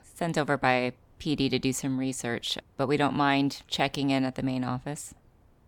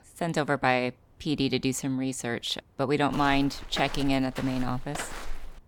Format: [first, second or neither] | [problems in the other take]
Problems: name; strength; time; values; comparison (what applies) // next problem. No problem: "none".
first | footsteps; noticeable; from 3 s on; peak 9 dB below the speech